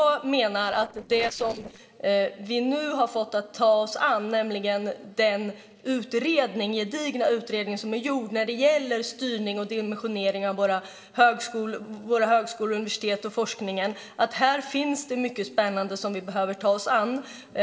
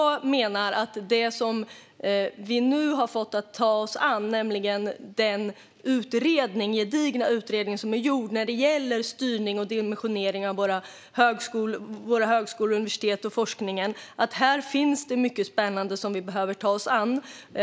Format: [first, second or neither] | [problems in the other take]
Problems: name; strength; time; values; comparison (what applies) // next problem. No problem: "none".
second | noise reduction (neural separator model SepFormer DNS4)